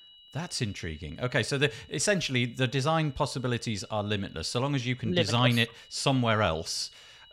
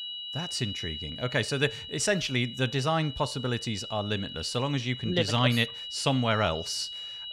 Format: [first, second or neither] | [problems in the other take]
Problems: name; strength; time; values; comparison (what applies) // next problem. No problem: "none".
first | high-pitched whine; loud; throughout; 3 kHz, 9 dB below the speech; faint in the first